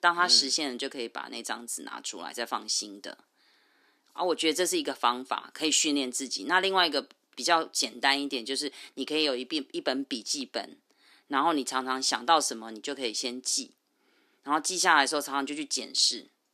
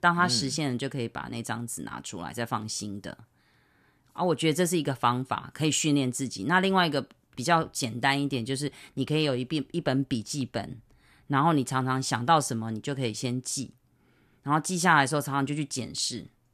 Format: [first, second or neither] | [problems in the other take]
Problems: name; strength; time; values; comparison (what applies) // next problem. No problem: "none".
second | thin; very slightly; fading below 300 Hz